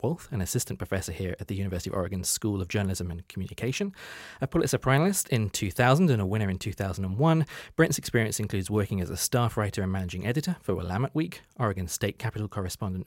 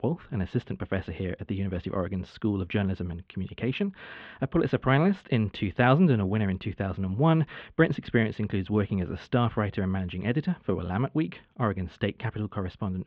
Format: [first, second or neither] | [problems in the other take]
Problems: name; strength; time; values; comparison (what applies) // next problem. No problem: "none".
first | muffled; very; fading above 3.5 kHz